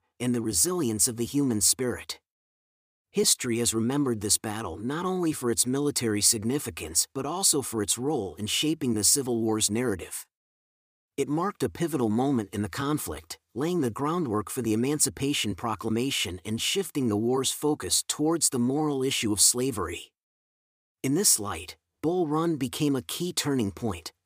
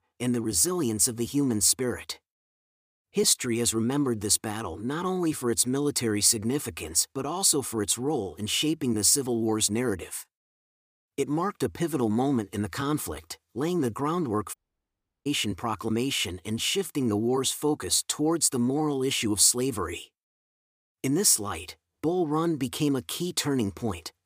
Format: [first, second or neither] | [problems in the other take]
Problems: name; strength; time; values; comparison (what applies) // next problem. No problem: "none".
first | audio cutting out; at 15 s for 0.5 s